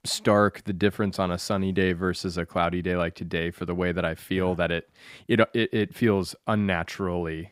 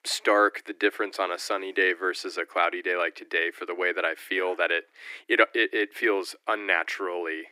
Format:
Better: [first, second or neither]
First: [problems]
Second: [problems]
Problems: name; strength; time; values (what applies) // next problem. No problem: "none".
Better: first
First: none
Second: thin; very; fading below 300 Hz